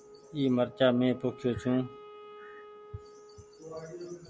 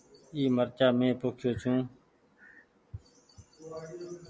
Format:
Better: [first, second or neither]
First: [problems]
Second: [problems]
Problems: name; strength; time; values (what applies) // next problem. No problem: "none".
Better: second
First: background sound (Wind instrument, woodwind instrument); 19 dB below the speech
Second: none